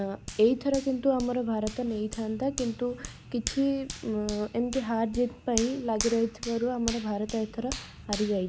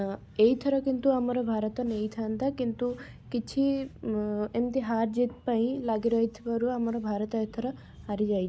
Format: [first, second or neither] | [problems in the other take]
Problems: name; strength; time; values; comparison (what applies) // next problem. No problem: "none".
second | background sound (Hands); 12 dB below the speech